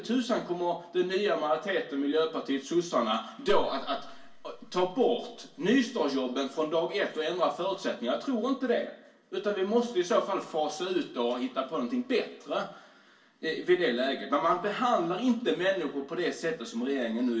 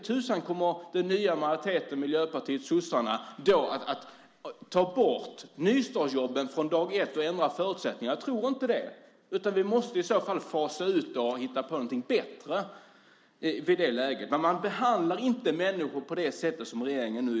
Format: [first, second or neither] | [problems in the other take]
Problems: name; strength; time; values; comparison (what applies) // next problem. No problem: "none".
second | room echo; dies away in 0.3 s